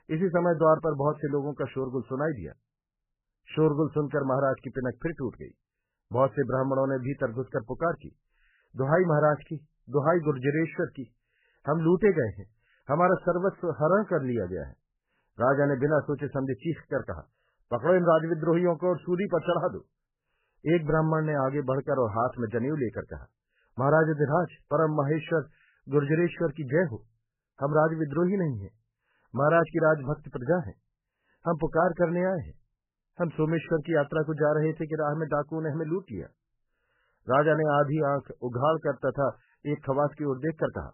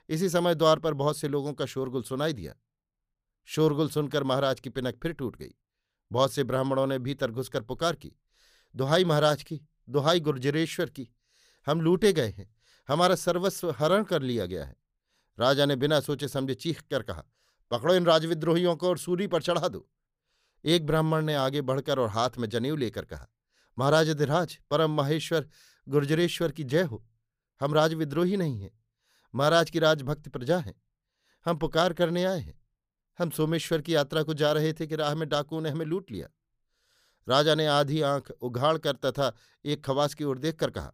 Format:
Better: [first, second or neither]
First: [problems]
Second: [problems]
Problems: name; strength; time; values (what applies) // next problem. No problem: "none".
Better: second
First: garbled, watery; badly; nothing above 3 kHz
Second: none